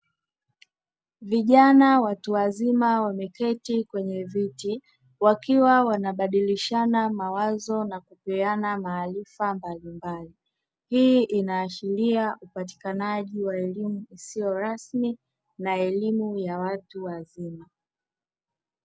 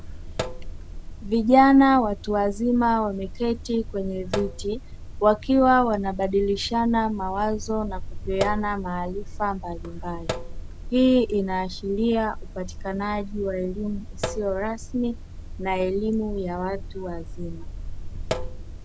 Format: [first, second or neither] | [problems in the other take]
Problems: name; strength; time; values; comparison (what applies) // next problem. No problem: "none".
first | background sound (Sink (filling or washing)); 9 dB below the speech